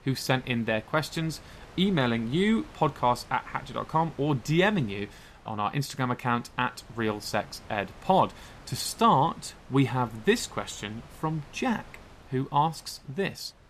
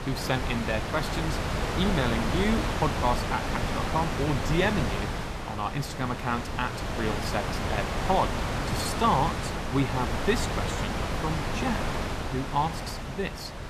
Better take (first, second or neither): first